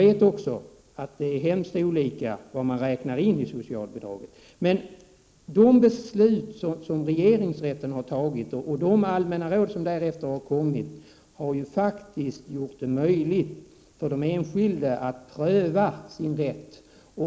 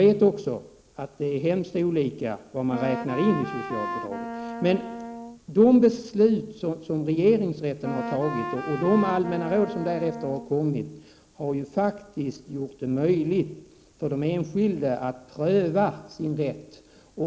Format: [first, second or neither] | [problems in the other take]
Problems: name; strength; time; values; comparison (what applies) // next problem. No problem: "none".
first | background sound (Wind instrument, woodwind instrument); 8 dB below the speech